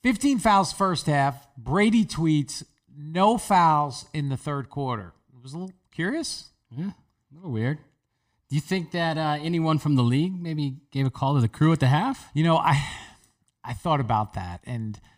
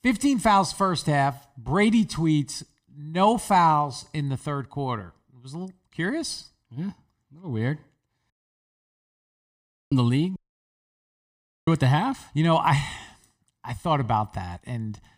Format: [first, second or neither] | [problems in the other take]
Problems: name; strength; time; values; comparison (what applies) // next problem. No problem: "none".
first | audio cutting out; at 8.5 s for 1.5 s and at 10 s for 1.5 s